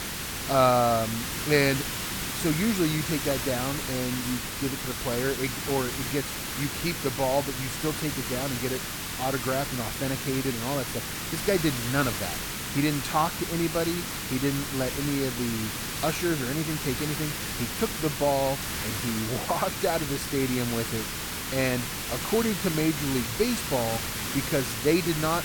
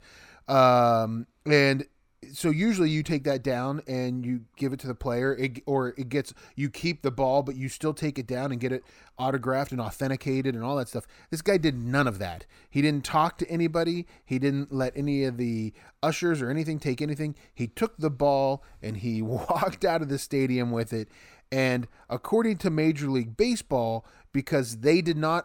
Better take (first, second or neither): second